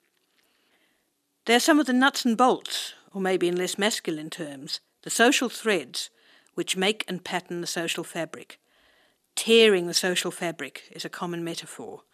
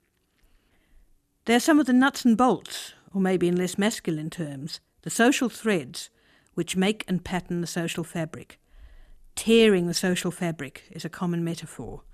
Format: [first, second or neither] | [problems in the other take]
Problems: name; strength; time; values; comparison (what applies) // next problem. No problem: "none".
second | thin; very slightly; fading below 300 Hz